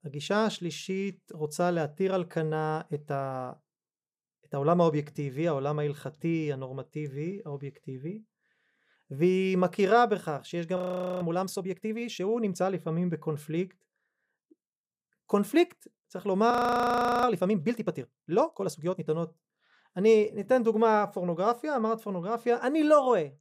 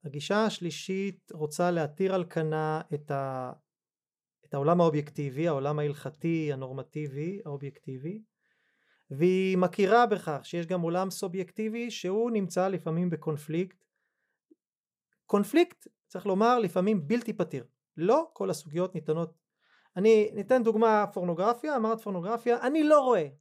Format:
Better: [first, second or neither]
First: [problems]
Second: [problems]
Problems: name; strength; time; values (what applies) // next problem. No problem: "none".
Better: second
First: audio freezing; at 11 s and at 17 s for 0.5 s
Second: none